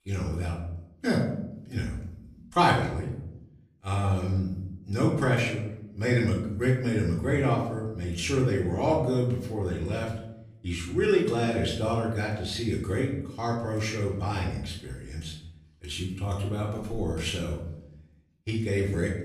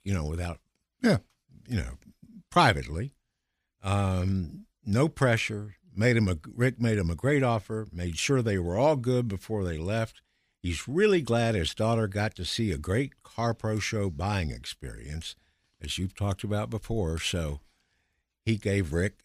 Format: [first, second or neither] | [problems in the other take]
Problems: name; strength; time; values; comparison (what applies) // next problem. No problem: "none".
second | off-mic speech; far // room echo; noticeable; dies away in 0.7 s